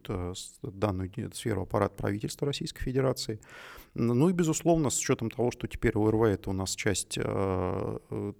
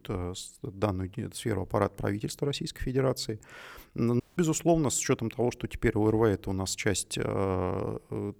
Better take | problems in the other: first | audio cutting out; at 4 s

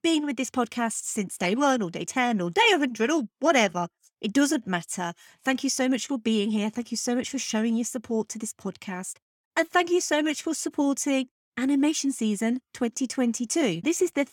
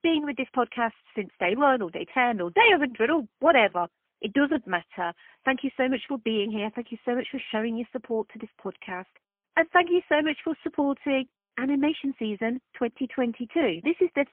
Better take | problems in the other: first | phone-call audio; poor line; nothing above 3.5 kHz

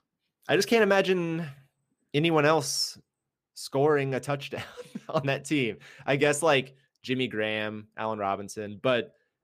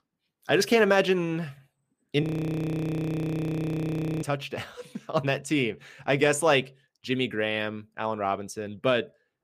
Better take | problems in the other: first | audio freezing; at 2 s for 2 s

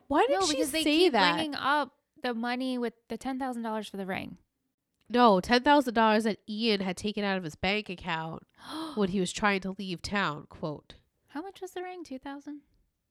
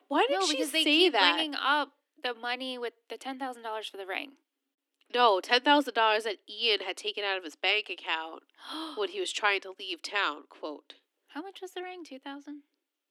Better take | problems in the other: first | thin; very slightly; fading below 250 Hz

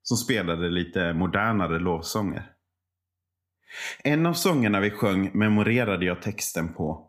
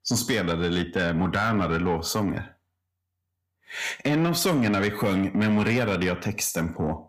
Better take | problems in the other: first | distortion; slight; 10 dB below the speech

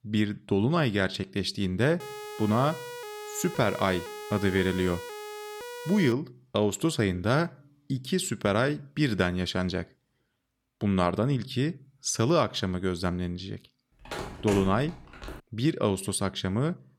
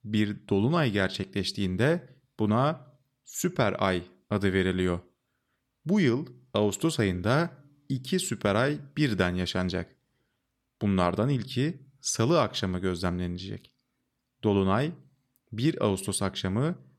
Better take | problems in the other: second | siren; faint; from 2 to 6 s; peak 10 dB below the speech // phone ringing; noticeable; from 14 to 15 s; peak 8 dB below the speech

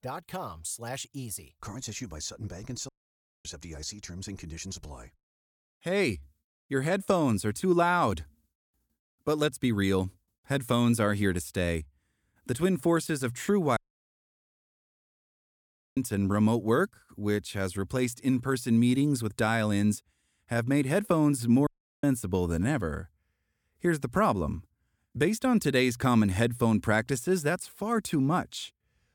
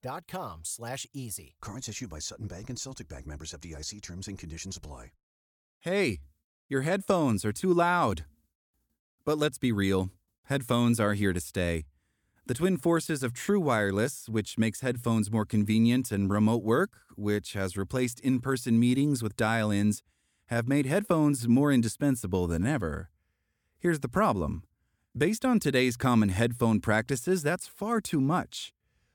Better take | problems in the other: second | audio cutting out; at 3 s for 0.5 s, at 14 s for 2 s and at 22 s

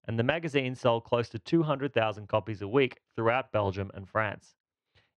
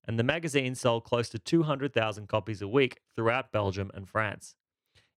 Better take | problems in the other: second | muffled; slightly; fading above 3.5 kHz

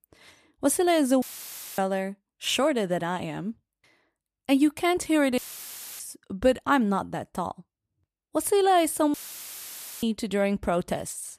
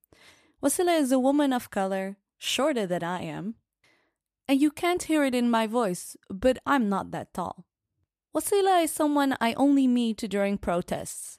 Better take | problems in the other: second | audio cutting out; filled with static; at 1 s for 0.5 s, at 5.5 s for 0.5 s and at 9 s for 1 s

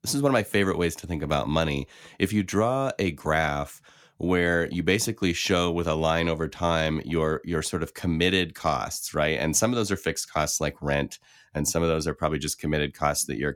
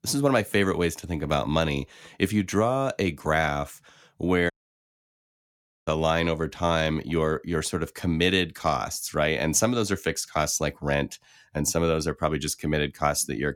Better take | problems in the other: first | audio cutting out; at 4.5 s for 1.5 s

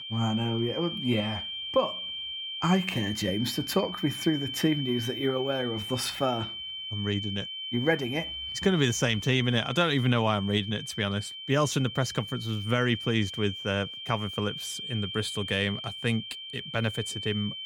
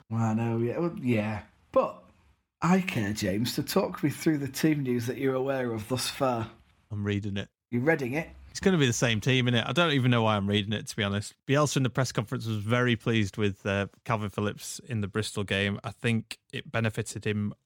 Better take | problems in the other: second | high-pitched whine; loud; throughout; 3 kHz, 6 dB below the speech

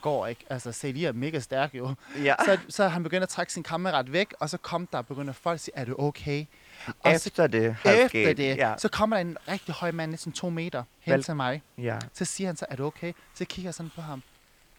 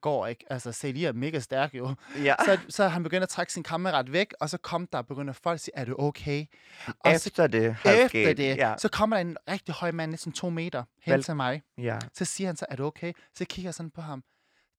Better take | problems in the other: second | hiss; faint; throughout; 30 dB below the speech

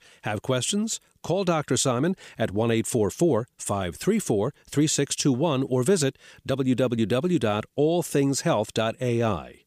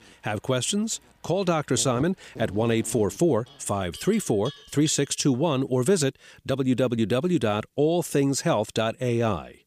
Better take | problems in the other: first | animal sounds; noticeable; until 6 s; 20 dB below the speech

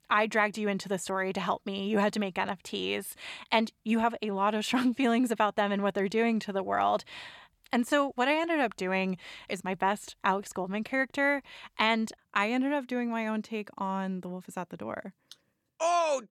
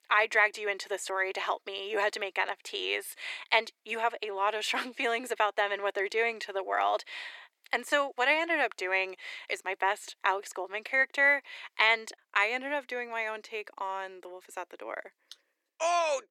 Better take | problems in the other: first | thin; very; fading below 350 Hz

